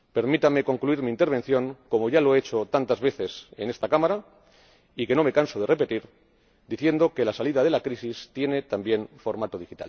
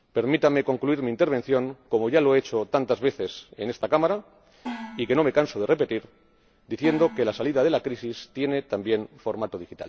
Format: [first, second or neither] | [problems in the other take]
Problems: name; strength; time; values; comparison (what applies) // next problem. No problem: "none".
first | background sound (Gong); 17 dB below the speech